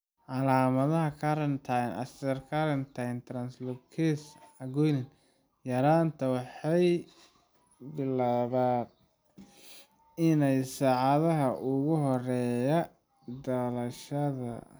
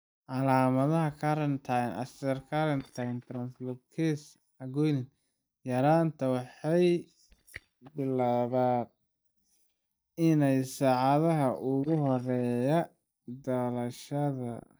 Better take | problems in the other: first | noise reduction (neural mask model DeepFilterNet 3)

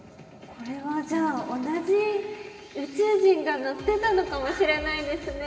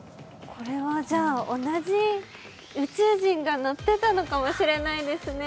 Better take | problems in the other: second | room echo; dies away in 2.4 s

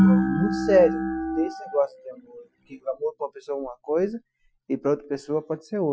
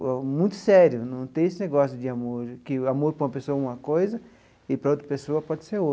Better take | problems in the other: second | noise reduction (classical method Wiener filter)

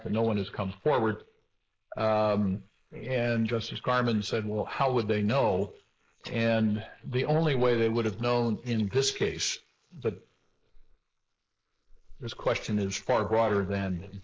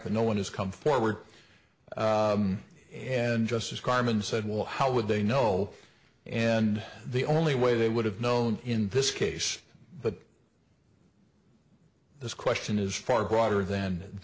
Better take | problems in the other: second | noise reduction (neural mask model Resemble Enhance denoiser)

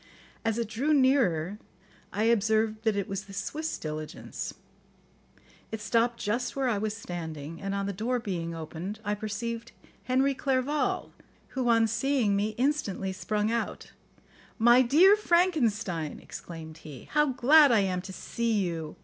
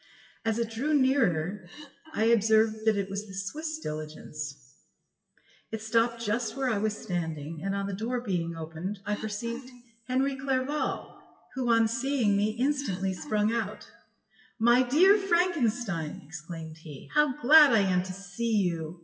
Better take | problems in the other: first | noise reduction (classical method WPE with log-MMSE)

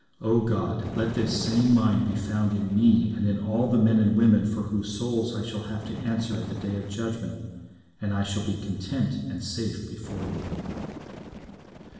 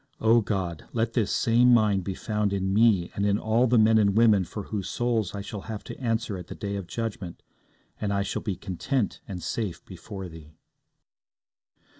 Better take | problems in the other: second | background sound (Bird); 15 dB below the speech // room echo; dies away in 1.3 s

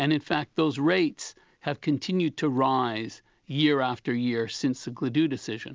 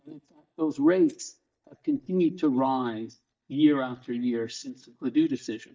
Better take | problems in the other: first | noise reduction (neural mask model DeepFilterNet 3)

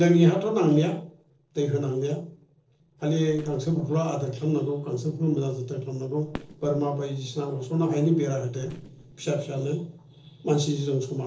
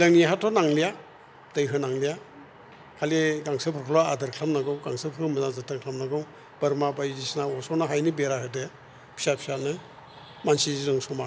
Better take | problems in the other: second | noise reduction (neural separator model SepFormer DNS4)

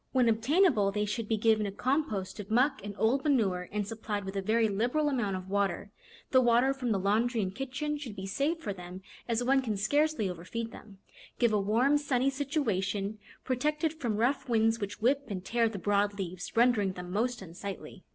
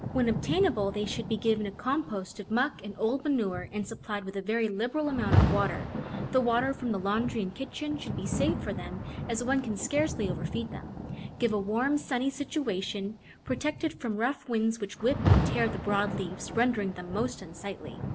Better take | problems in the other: first | background sound (Rain); 3 dB below the speech

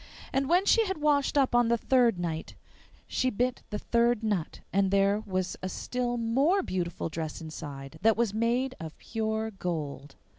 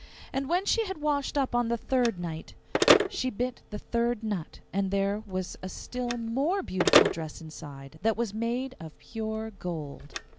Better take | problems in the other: first | background sound (Telephone); 2 dB below the speech

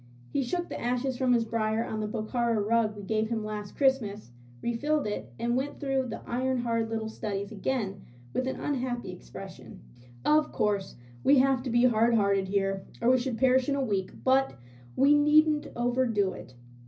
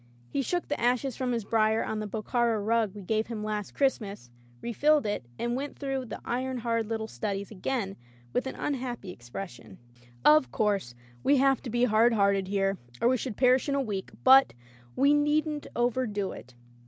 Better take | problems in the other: second | room echo; dies away in 0.4 s

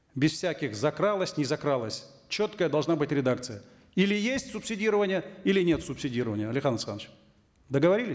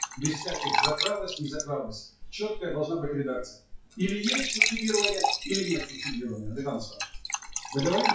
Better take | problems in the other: first | noise reduction (classical method WPE with log-MMSE)

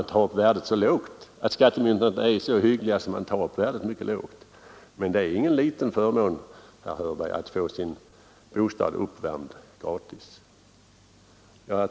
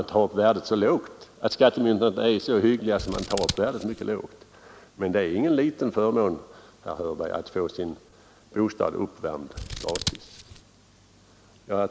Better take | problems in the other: first | background sound (Scissors); 9 dB below the speech

